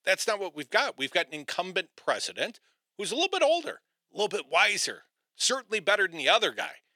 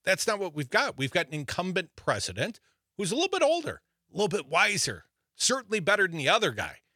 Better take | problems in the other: second | thin; somewhat; fading below 250 Hz

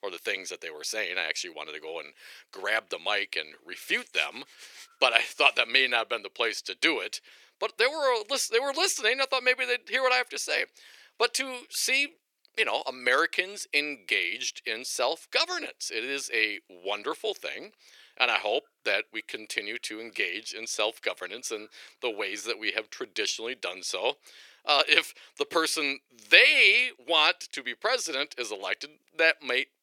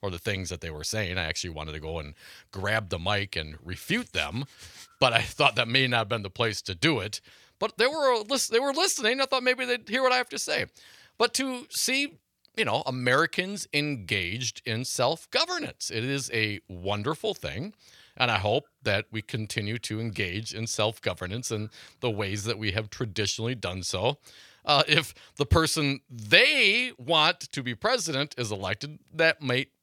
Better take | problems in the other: second | thin; somewhat; fading below 350 Hz

